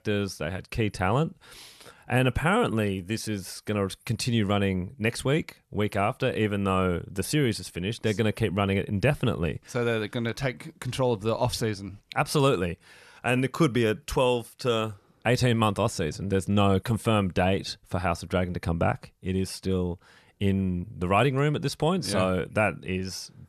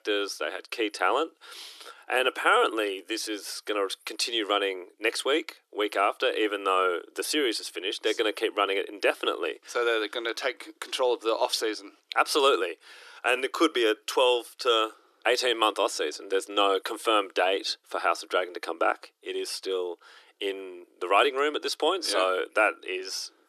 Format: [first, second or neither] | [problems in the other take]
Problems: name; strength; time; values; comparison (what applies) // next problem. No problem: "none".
first | thin; very; fading below 300 Hz